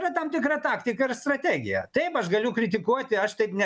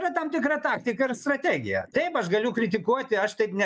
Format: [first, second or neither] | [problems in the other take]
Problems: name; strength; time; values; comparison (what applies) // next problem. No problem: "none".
first | noise reduction (neural mask model Resemble Enhance denoiser)